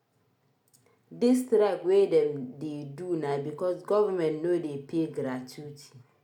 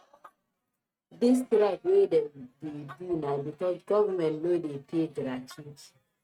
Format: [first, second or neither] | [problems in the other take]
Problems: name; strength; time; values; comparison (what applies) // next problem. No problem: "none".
first | noise reduction (neural mask model RNNoise)